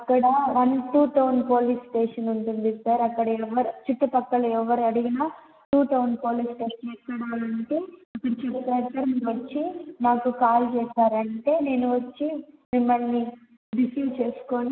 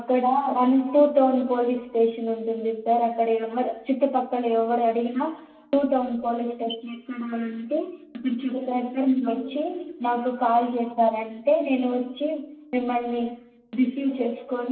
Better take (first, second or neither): first